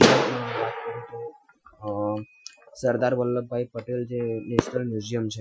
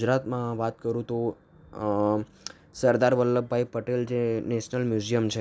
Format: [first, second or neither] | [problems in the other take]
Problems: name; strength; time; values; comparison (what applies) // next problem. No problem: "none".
second | noise reduction (classical method Wiener filter)